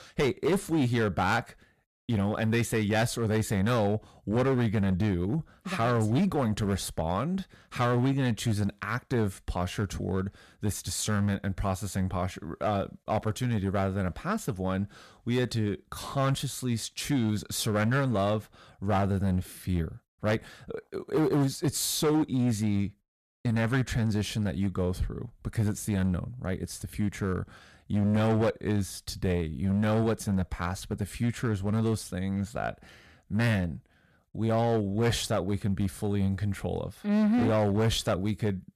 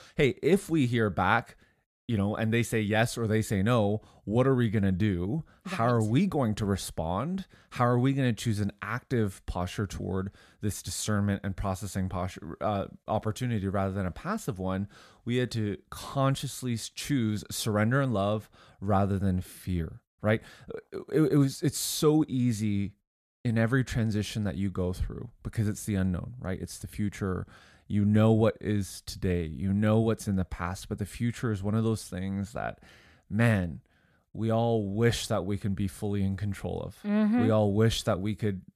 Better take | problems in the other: second | distortion; slight; 8% of the sound clipped

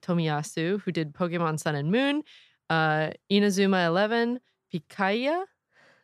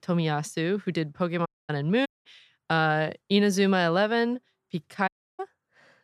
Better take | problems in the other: first | audio cutting out; at 1.5 s, at 2 s and at 5 s

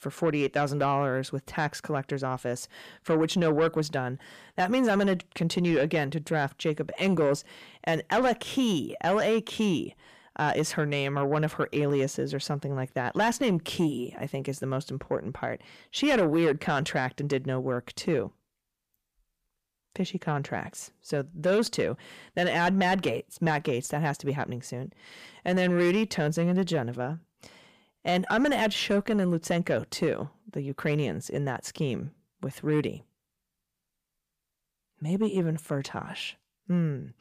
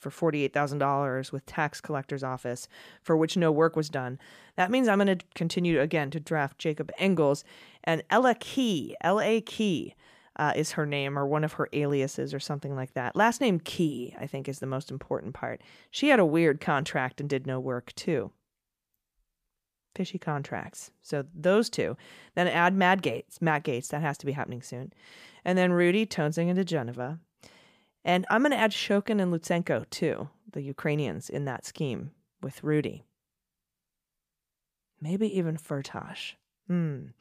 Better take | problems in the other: second | distortion; slight; 10 dB below the speech

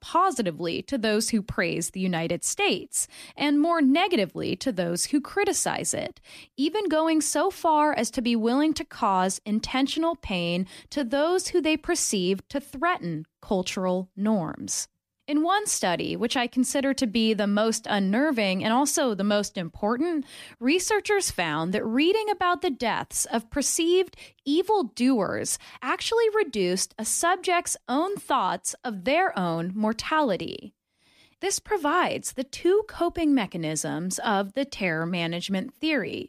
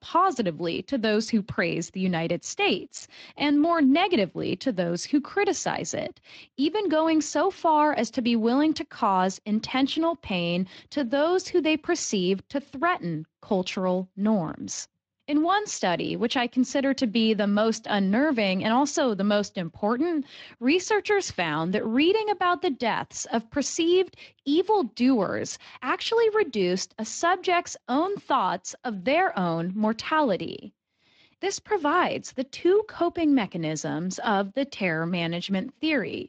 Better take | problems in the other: first | garbled, watery; slightly

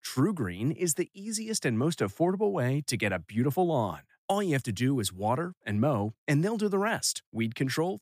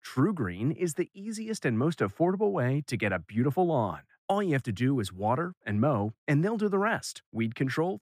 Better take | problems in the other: first | muffled; slightly; fading above 3.5 kHz

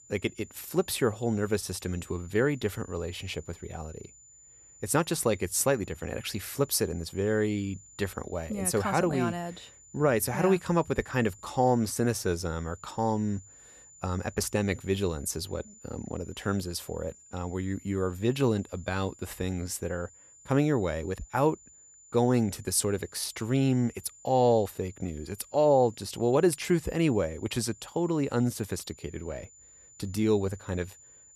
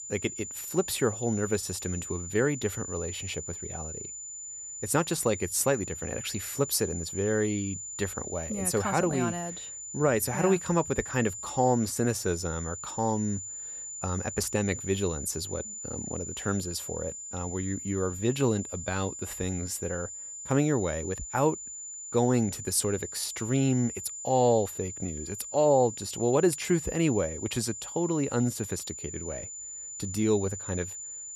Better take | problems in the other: first | high-pitched whine; loud; throughout; 7 kHz, 8 dB below the speech; faint in the first

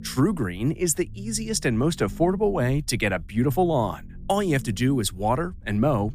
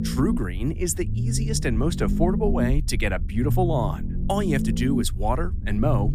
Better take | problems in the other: first | low rumble; loud; throughout; 8 dB below the speech; faint in the first

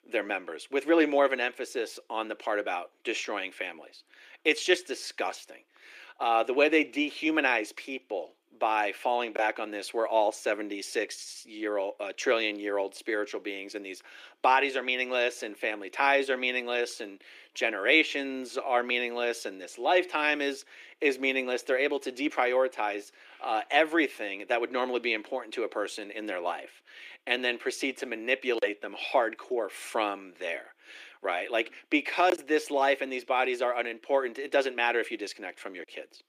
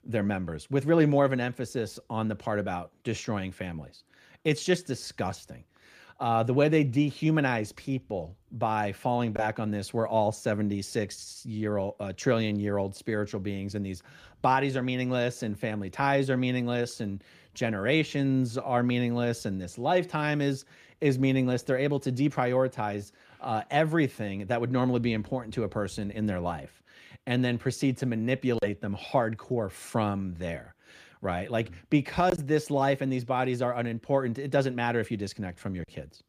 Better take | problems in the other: second | thin; somewhat; fading below 300 Hz

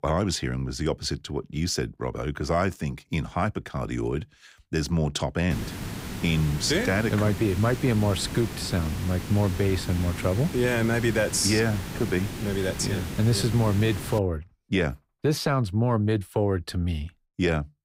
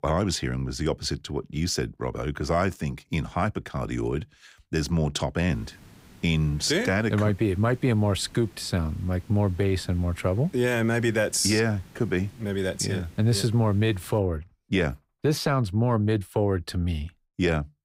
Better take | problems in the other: second | hiss; loud; from 5.5 to 14 s; 9 dB below the speech; faint in the second

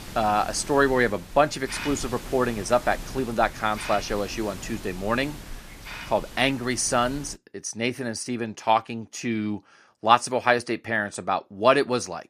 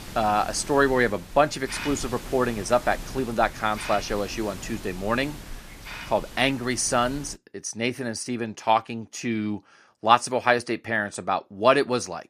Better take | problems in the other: neither | hiss; noticeable; until 7.5 s; 15 dB below the speech; the same in both

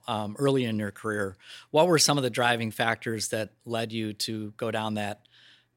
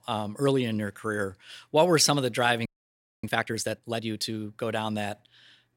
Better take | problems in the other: first | audio freezing; at 2.5 s for 0.5 s

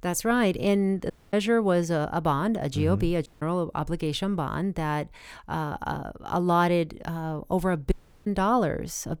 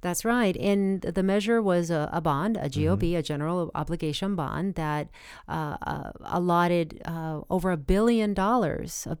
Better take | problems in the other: second | audio cutting out; at 1 s, at 3.5 s and at 8 s

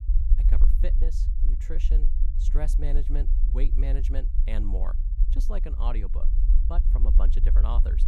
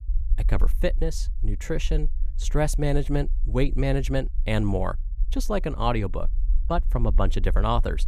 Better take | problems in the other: second | low rumble; loud; throughout; 7 dB below the speech; faint in the second

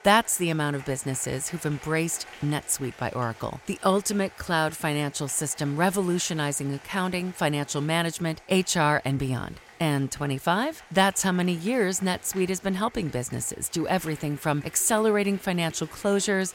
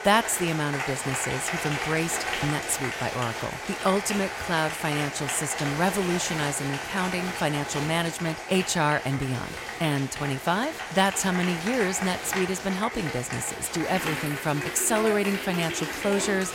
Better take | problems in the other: first | crowd noise; loud; throughout; 4 dB below the speech; faint in the first

